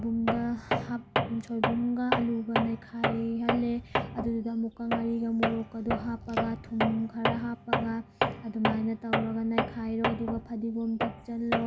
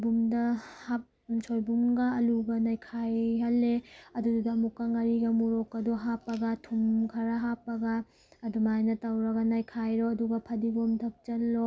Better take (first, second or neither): second